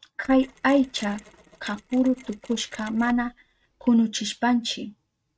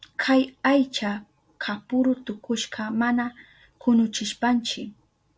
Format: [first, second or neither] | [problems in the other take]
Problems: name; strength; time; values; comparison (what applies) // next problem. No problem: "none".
second | noise reduction (neural mask model RNNoise)